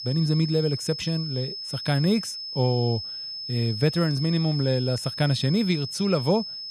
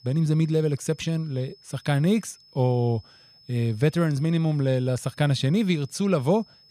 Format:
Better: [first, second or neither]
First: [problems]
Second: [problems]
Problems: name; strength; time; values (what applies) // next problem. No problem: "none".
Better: second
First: high-pitched whine; loud; throughout; 5 kHz, 7 dB below the speech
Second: high-pitched whine; faint; throughout; 5 kHz, 25 dB below the speech